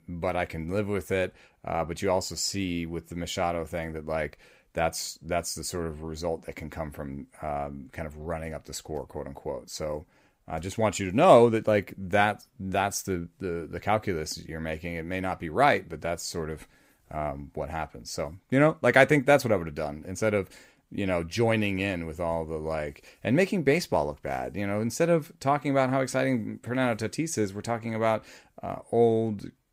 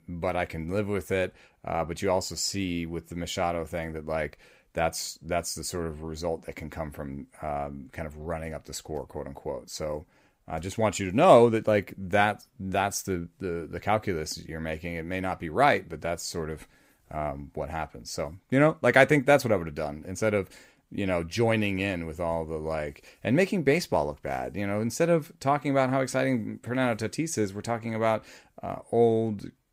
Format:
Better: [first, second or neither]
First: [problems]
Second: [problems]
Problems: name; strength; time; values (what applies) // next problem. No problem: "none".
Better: neither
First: none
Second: none